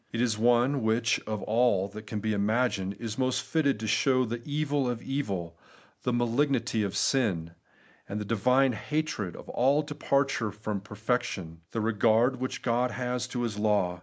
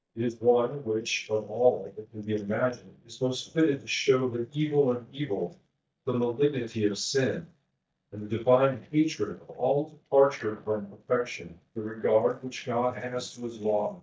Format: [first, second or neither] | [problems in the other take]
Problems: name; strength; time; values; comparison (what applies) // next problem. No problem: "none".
first | noise reduction (neural mask model DeepFilterNet 3)